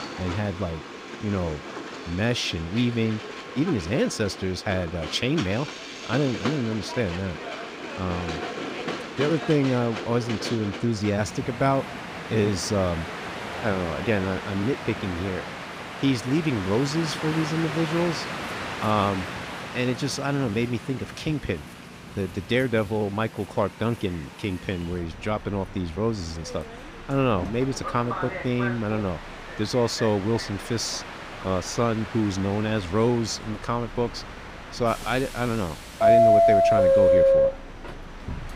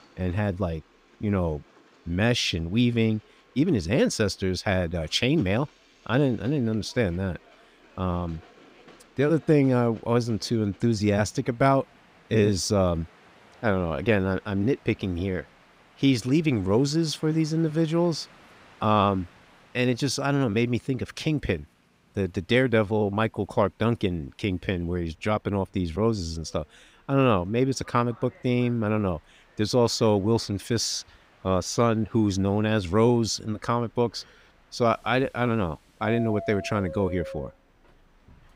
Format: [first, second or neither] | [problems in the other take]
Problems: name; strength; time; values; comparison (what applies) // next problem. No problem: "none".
second | train or aircraft noise; loud; throughout; 2 dB below the speech; faint in the second